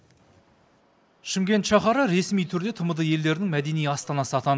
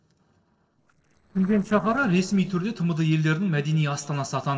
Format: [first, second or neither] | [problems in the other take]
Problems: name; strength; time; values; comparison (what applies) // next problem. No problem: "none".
first | noise reduction (neural separator model SepFormer DNS4)